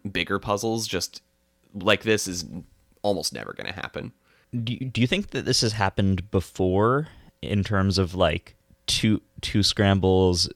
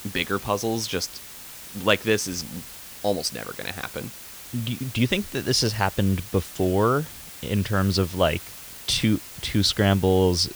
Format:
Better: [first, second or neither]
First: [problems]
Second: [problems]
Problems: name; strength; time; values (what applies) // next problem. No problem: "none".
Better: first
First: none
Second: hiss; noticeable; throughout; 15 dB below the speech